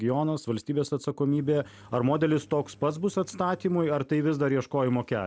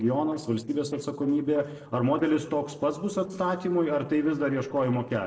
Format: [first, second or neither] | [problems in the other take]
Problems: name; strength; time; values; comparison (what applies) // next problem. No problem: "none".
first | noise reduction (neural separator model SepFormer DNS4)